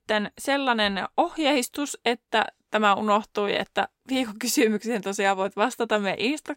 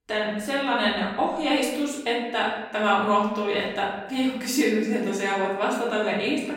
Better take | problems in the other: first | off-mic speech; far // room echo; noticeable; dies away in 1 s

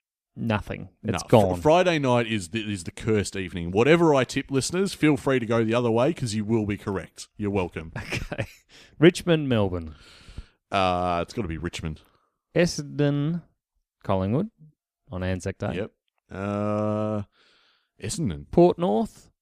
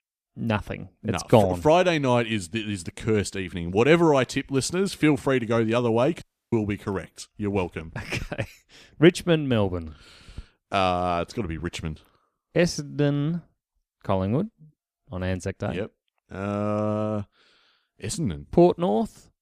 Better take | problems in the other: first | audio cutting out; at 6 s

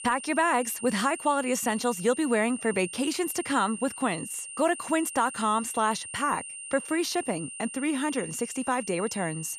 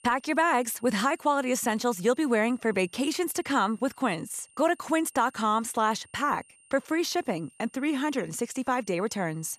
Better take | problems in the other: second | high-pitched whine; loud; throughout; 9 kHz, 10 dB below the speech; faint in the second

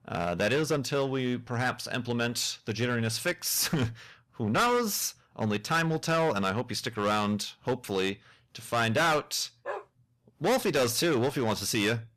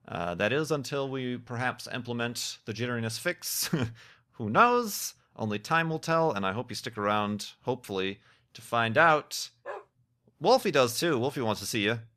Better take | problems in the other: second | distortion; heavy; 9% of the sound clipped

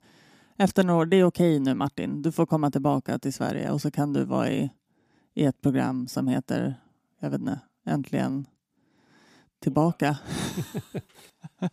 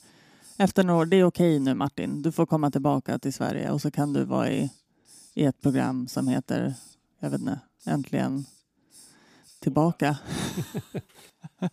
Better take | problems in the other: first | hiss; faint; throughout; 25 dB below the speech

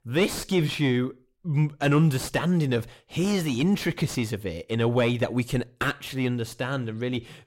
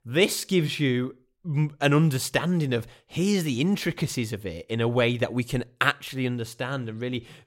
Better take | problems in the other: second | distortion; slight; 10 dB below the speech

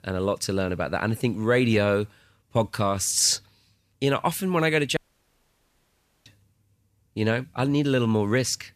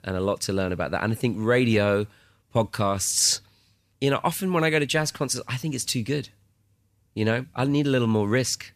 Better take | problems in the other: second | audio cutting out; at 5 s for 1.5 s

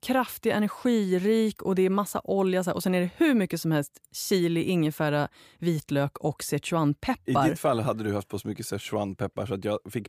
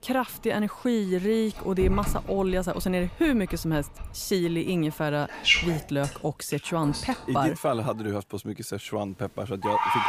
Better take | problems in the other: first | animal sounds; loud; throughout; 2 dB below the speech

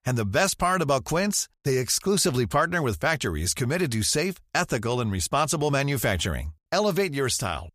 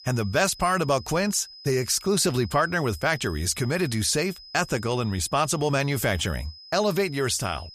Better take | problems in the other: first | high-pitched whine; noticeable; throughout; 5 kHz, 20 dB below the speech

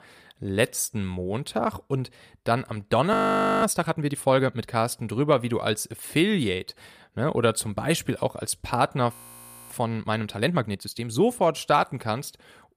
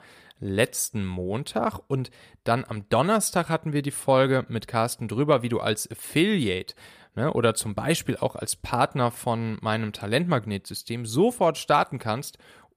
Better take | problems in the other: second | audio freezing; at 3 s and at 9 s for 0.5 s

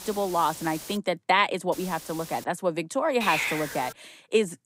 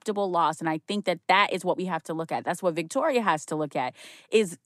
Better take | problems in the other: second | hiss; loud; at the start, at 1.5 s and at 3 s; 7 dB below the speech

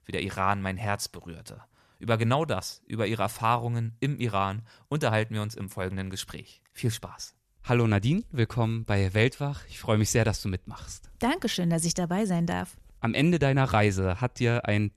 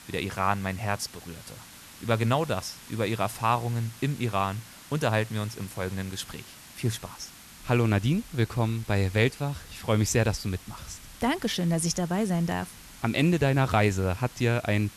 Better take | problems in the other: first | hiss; noticeable; throughout; 20 dB below the speech

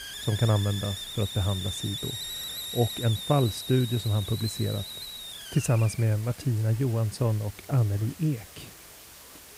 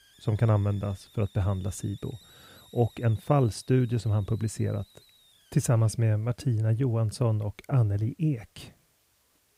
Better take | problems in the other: second | hiss; loud; throughout; 9 dB below the speech; faint in the second

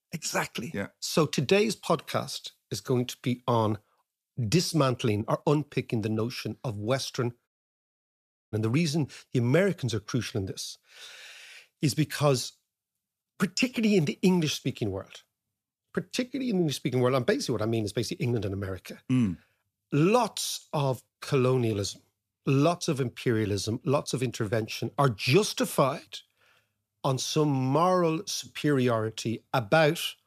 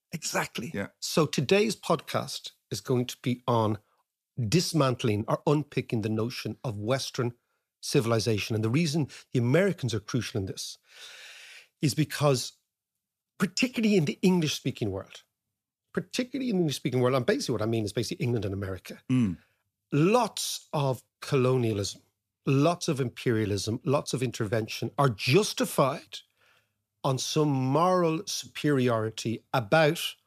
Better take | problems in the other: second | audio cutting out; at 7.5 s for 1 s

